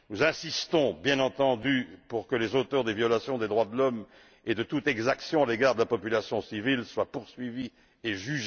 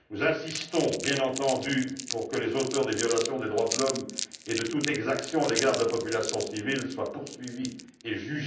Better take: first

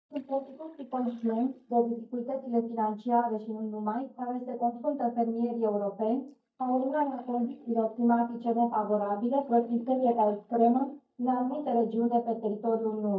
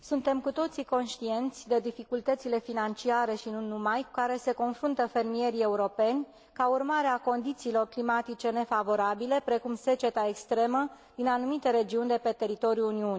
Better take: second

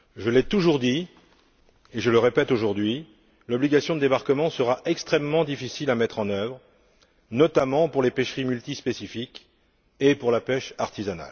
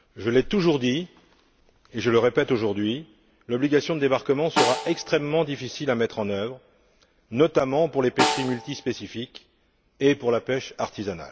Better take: first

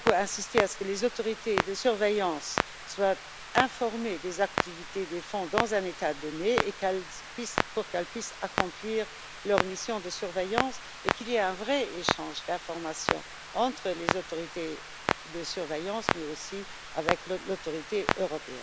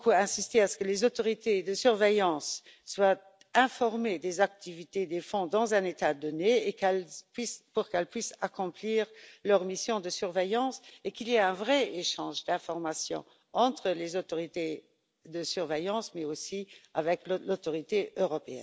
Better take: second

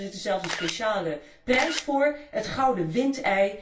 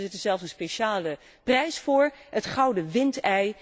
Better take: second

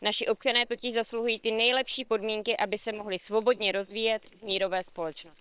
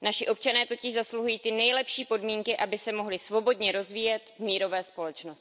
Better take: second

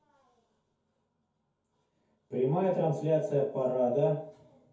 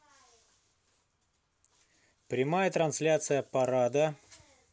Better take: second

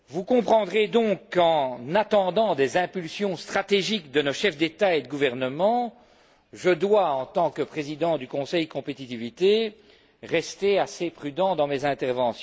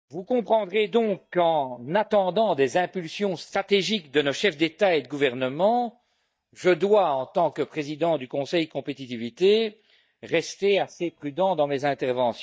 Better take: first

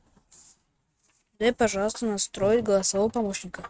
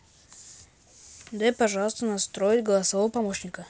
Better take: second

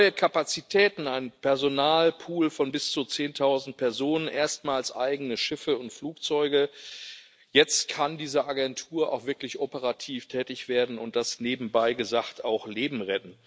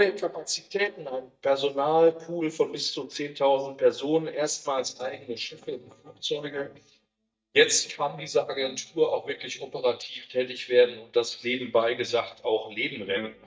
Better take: first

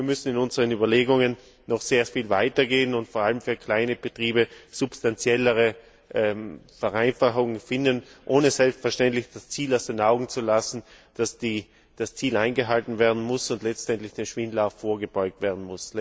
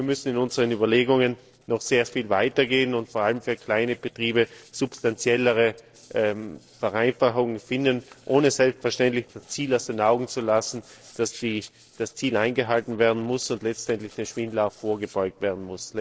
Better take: first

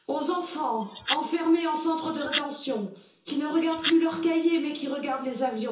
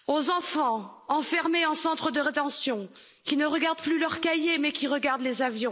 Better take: second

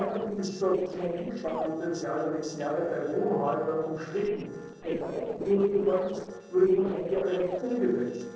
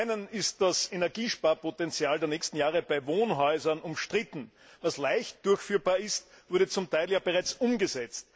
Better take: second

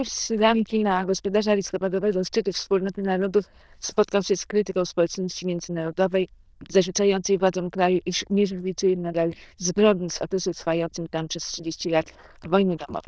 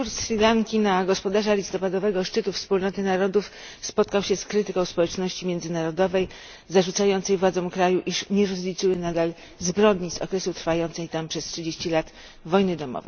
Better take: second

